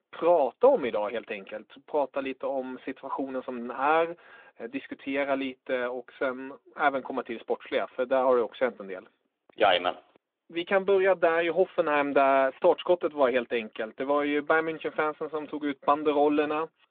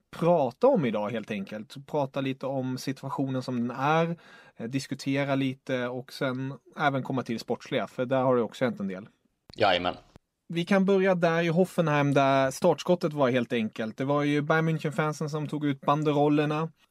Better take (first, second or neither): second